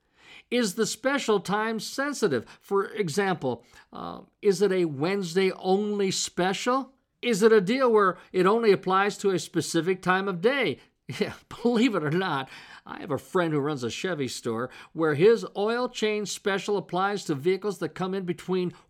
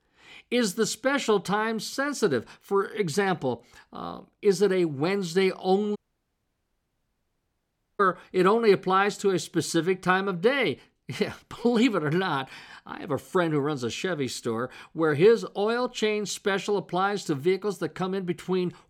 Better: first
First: none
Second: audio cutting out; at 6 s for 2 s

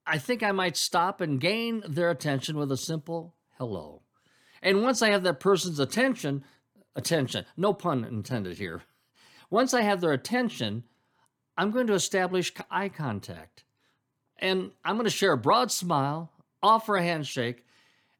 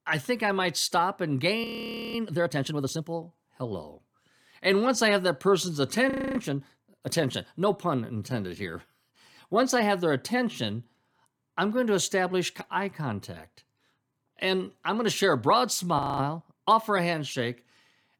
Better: first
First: none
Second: audio freezing; at 1.5 s for 0.5 s, at 6 s and at 16 s

